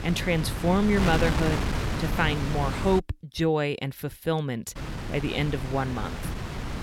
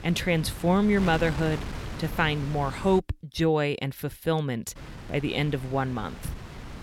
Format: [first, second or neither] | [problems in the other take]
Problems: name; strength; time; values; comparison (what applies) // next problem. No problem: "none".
second | wind noise on the microphone; heavy; until 3 s and from 5 s on; 5 dB below the speech; occasional gusts in the second